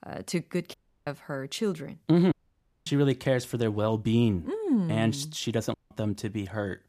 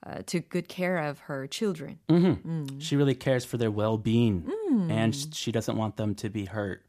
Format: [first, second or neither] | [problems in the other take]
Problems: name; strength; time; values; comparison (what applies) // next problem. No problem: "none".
second | audio cutting out; at 0.5 s, at 2.5 s for 0.5 s and at 5.5 s